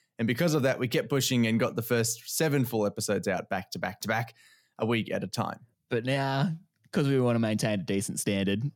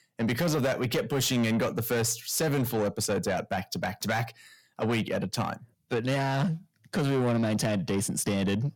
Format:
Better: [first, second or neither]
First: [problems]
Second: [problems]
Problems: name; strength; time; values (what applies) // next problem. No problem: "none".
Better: first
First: none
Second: distortion; slight; 10 dB below the speech